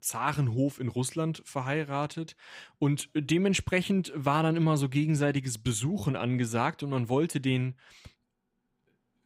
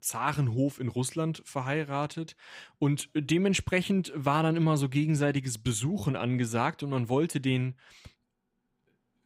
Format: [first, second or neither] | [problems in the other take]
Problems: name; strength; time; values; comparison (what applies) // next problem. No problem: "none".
neither | none